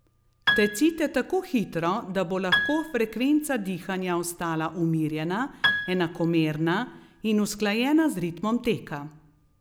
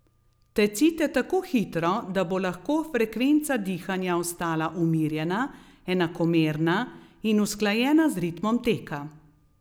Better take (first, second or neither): second